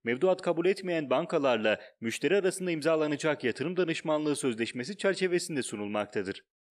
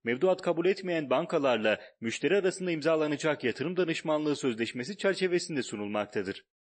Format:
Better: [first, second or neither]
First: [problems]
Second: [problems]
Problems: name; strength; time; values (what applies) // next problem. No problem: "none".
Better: first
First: none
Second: garbled, watery; slightly; nothing above 8 kHz